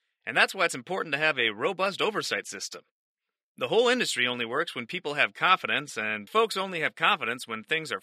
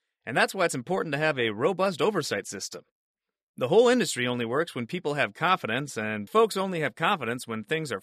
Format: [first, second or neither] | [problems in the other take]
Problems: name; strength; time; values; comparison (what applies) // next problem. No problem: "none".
second | thin; very slightly; fading below 250 Hz